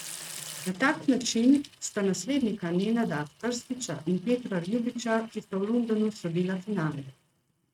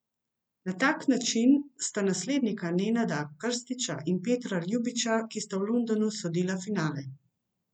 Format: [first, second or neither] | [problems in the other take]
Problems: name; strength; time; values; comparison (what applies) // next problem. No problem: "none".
second | noise reduction (neural mask model RNNoise)